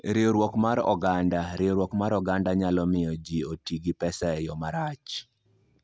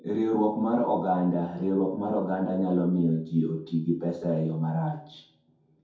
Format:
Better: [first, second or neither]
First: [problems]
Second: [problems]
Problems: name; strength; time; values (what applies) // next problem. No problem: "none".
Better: first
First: none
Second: room echo; dies away in 0.6 s